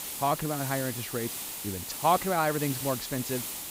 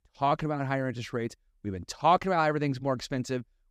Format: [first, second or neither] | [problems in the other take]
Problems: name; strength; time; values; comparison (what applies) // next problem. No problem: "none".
second | hiss; loud; throughout; 4 dB below the speech